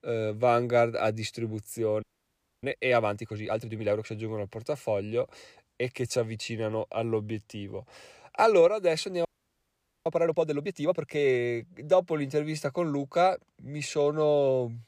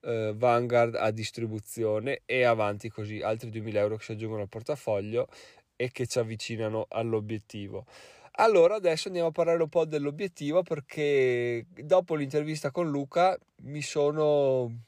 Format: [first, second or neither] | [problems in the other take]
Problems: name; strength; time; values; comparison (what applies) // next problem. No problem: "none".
second | audio freezing; at 2 s for 0.5 s and at 9.5 s for 1 s